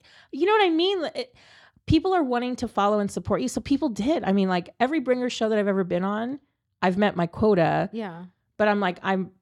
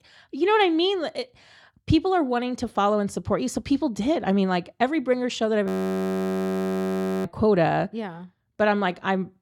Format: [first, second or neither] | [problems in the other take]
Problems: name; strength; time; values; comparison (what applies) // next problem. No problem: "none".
first | audio freezing; at 5.5 s for 1.5 s